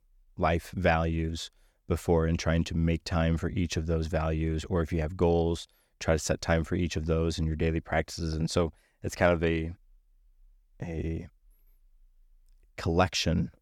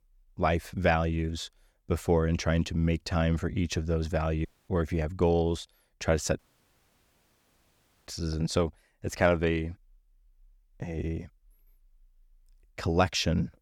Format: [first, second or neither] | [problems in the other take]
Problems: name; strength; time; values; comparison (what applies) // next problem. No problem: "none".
first | audio cutting out; at 4.5 s and at 6.5 s for 1.5 s